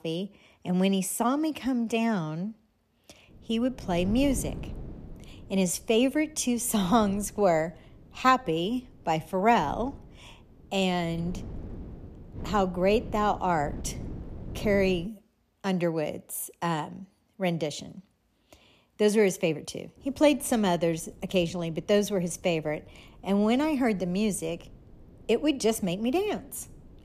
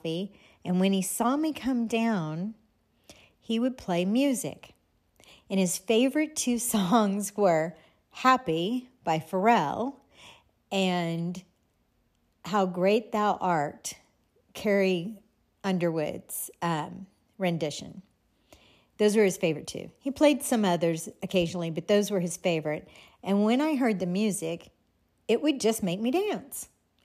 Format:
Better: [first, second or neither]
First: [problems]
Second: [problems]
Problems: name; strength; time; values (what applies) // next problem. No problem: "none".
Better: second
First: wind noise on the microphone; occasional gusts; from 3.5 to 15 s and from 20 s on; 25 dB below the speech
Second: none